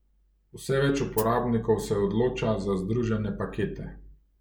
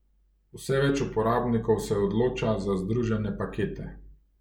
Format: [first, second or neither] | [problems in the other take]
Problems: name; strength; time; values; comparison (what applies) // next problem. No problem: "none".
second | background sound (Hi-hat); 10 dB below the speech